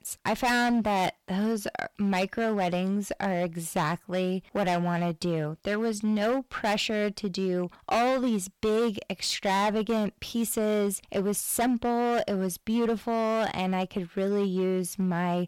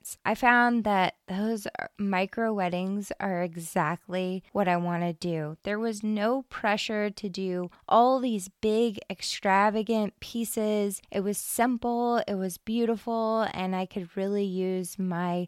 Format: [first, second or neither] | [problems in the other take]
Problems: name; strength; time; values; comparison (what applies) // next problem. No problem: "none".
second | distortion; heavy; 12% of the sound clipped